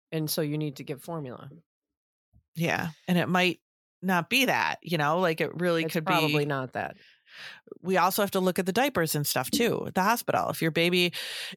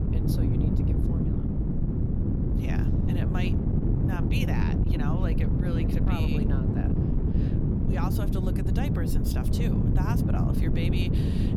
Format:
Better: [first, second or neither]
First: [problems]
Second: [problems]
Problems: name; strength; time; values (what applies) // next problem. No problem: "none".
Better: first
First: none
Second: wind noise on the microphone; heavy; 3 dB above the speech